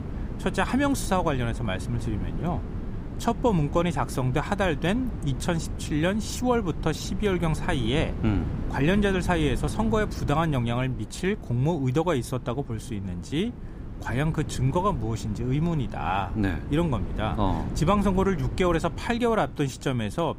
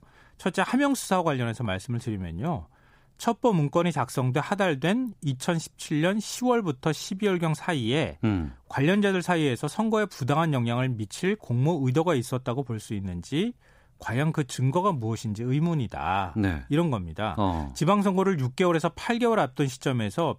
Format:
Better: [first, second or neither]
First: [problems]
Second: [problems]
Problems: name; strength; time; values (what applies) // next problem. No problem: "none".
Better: second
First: wind noise on the microphone; occasional gusts; 15 dB below the speech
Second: none